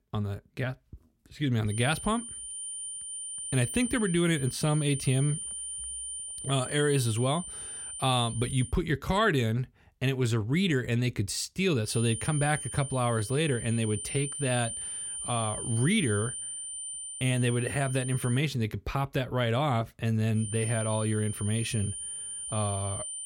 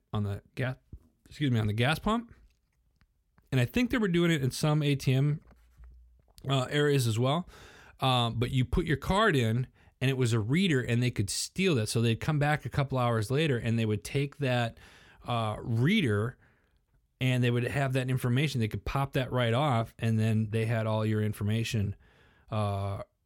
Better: second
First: high-pitched whine; loud; from 1.5 to 8.5 s, from 12 to 18 s and from 20 s on; 9 kHz, 7 dB below the speech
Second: none

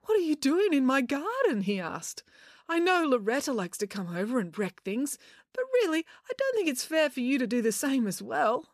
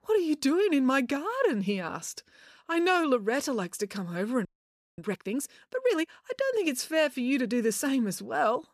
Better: first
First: none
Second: audio freezing; at 4.5 s for 0.5 s

